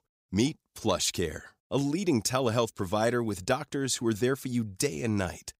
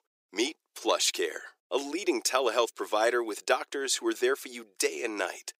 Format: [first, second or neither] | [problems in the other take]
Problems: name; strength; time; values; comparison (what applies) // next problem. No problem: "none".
first | thin; very; fading below 350 Hz